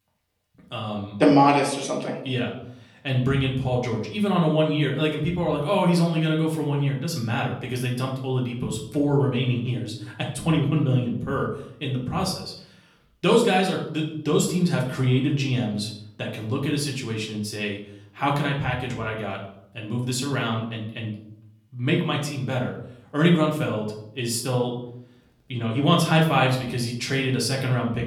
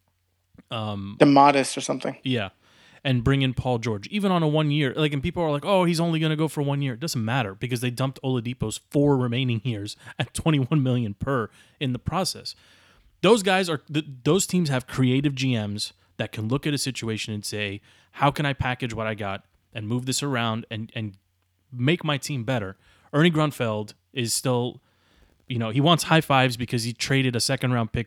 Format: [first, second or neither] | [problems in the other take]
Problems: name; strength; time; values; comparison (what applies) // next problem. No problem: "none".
second | room echo; slight; dies away in 0.6 s // off-mic speech; far